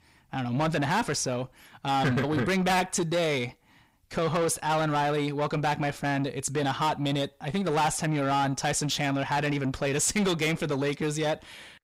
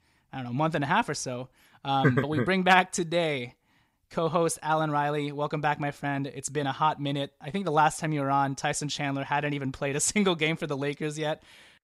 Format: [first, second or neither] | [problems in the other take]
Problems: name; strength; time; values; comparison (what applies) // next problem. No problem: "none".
second | distortion; heavy; 7 dB below the speech